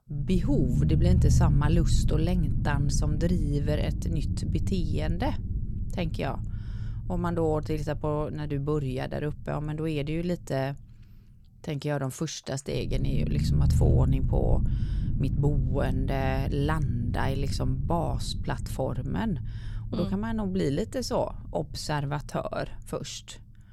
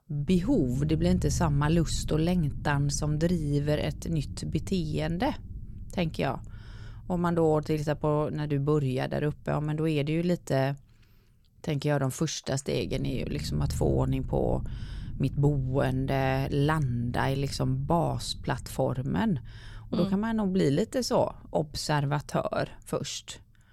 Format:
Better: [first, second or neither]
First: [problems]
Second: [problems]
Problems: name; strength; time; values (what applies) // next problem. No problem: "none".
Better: second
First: low rumble; loud; throughout; 9 dB below the speech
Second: low rumble; faint; throughout; 20 dB below the speech